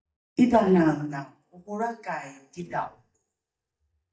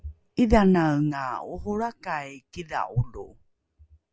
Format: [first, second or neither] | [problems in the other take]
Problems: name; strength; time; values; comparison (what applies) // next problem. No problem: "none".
second | noise reduction (neural mask model DeepFilterNet 3)